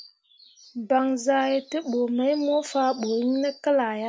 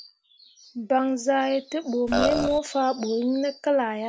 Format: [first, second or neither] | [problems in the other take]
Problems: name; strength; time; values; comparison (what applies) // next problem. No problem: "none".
first | background sound (Burping, eructation); as loud as the speech